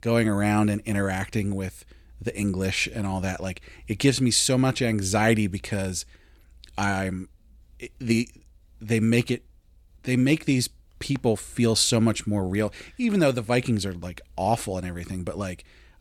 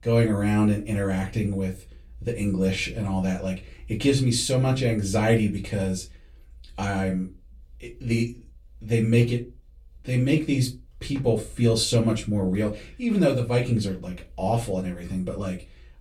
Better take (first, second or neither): first